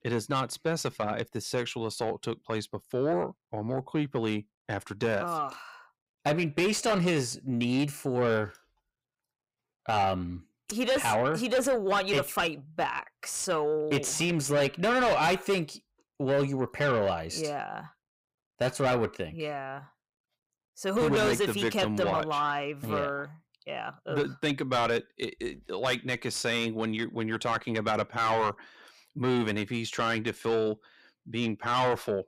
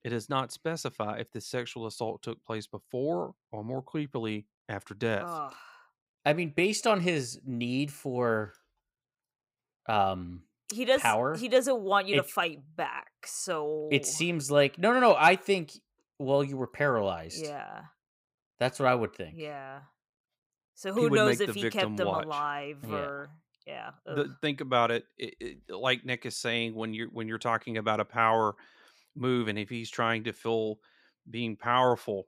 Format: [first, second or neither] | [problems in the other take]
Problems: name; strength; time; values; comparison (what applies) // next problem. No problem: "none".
second | distortion; heavy; 6 dB below the speech